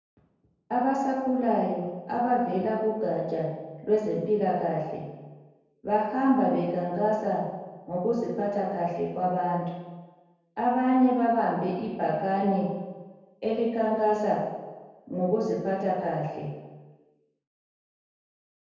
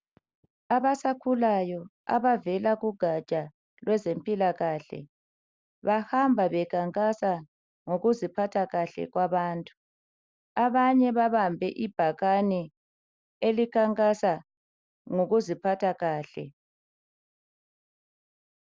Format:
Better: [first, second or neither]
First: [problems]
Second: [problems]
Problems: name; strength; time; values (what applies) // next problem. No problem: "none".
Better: second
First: room echo; dies away in 1.2 s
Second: none